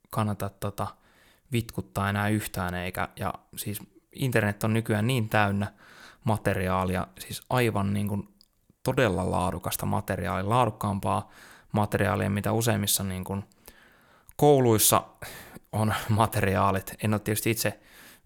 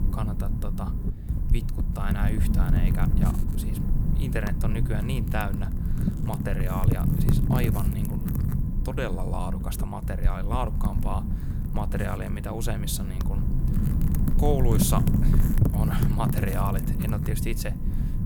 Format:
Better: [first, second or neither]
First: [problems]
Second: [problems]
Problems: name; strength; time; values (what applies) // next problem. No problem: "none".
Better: first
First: none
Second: wind noise on the microphone; heavy; 3 dB below the speech